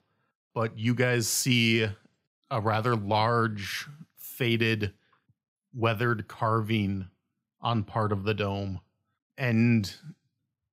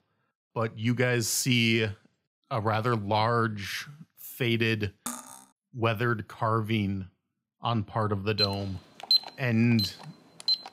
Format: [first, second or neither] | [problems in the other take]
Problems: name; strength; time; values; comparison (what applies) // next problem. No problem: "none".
first | clattering dishes; noticeable; at 5 s; peak 9 dB below the speech // alarm; loud; from 8.5 s on; peak 4 dB above the speech